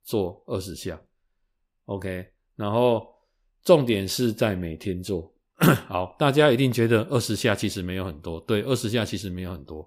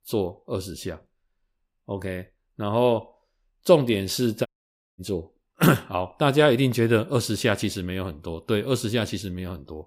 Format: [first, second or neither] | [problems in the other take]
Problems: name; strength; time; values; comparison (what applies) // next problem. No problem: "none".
first | audio cutting out; at 4.5 s for 0.5 s